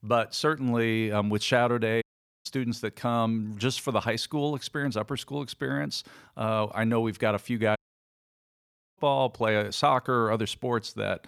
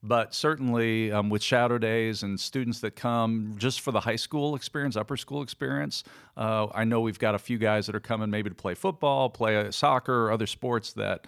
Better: second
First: audio cutting out; at 2 s and at 8 s for 1 s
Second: none

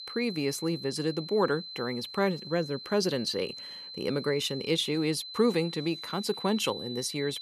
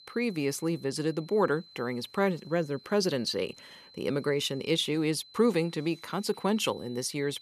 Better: second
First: high-pitched whine; loud; throughout; 4 kHz, 10 dB below the speech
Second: high-pitched whine; faint; throughout; 4 kHz, 20 dB below the speech

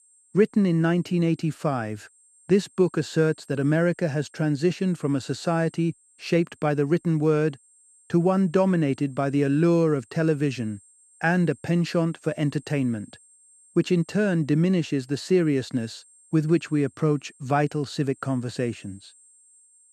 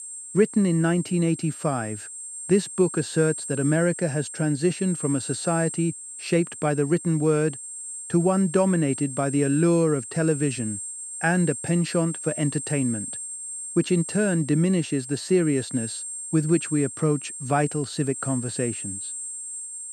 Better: first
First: high-pitched whine; faint; throughout; 8.5 kHz, 30 dB below the speech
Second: high-pitched whine; loud; throughout; 8.5 kHz, 9 dB below the speech

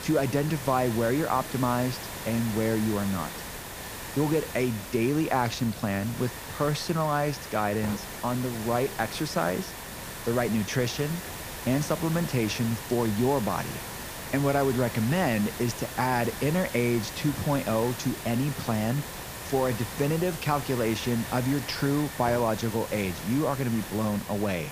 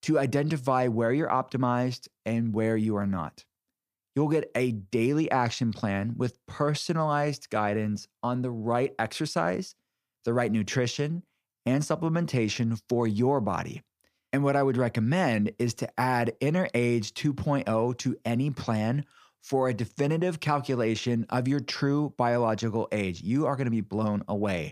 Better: second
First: hiss; loud; throughout; 9 dB below the speech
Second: none

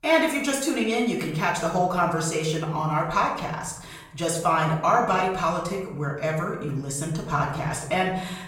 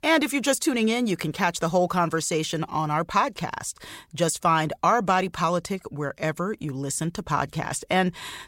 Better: second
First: room echo; noticeable; dies away in 0.7 s // off-mic speech; far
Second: none

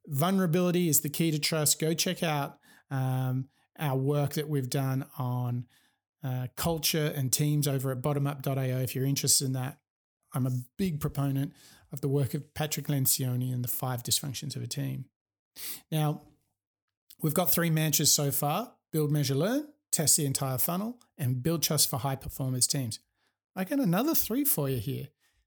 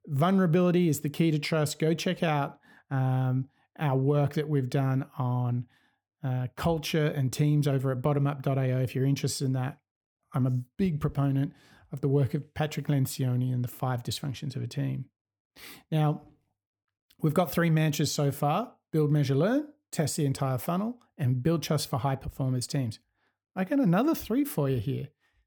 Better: first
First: none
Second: muffled; slightly; fading above 4 kHz

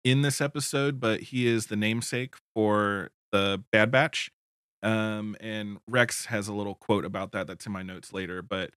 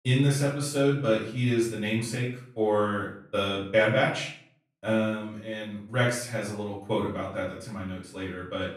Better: first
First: none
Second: room echo; noticeable; dies away in 0.5 s // off-mic speech; far

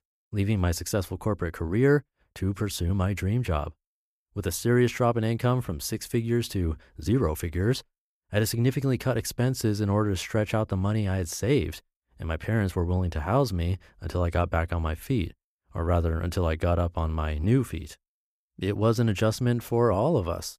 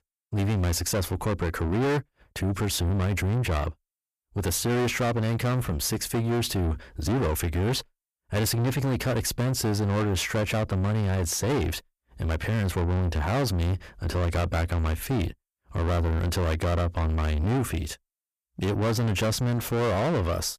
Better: first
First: none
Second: distortion; heavy; 6 dB below the speech

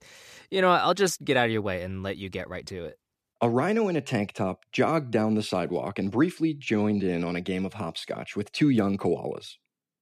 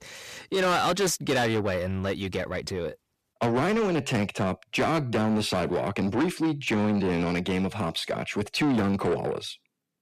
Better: first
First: none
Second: distortion; heavy; 7 dB below the speech

